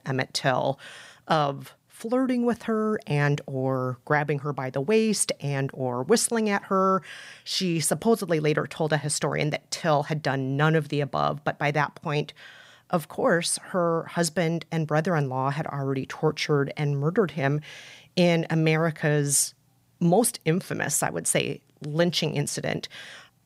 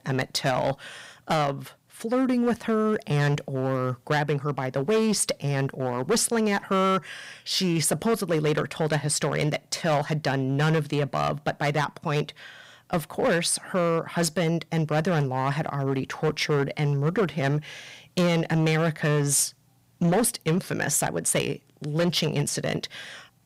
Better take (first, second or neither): first